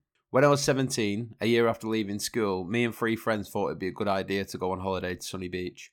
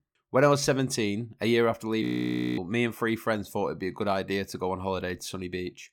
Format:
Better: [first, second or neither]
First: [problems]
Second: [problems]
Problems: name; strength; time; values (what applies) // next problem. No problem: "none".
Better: first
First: none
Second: audio freezing; at 2 s for 0.5 s